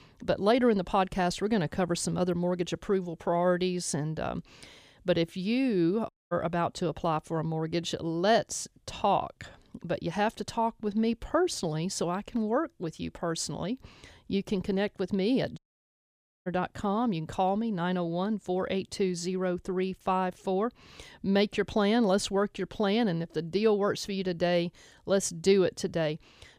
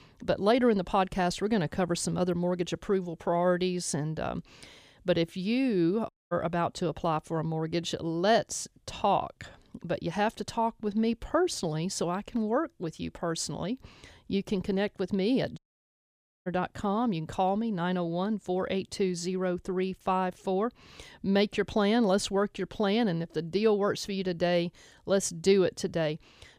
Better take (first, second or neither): neither